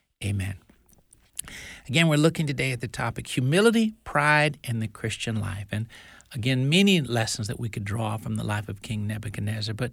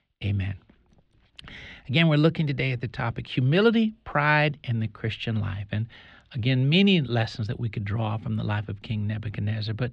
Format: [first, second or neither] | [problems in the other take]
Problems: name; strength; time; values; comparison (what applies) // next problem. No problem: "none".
first | muffled; very slightly; fading above 4 kHz